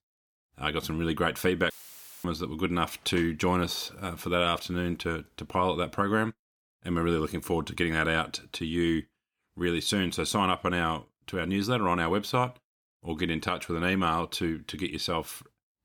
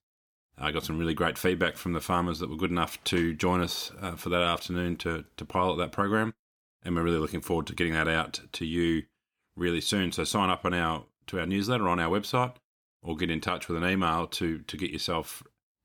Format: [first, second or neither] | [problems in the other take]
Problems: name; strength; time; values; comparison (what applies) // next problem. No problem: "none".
second | audio cutting out; filled with static; at 1.5 s for 0.5 s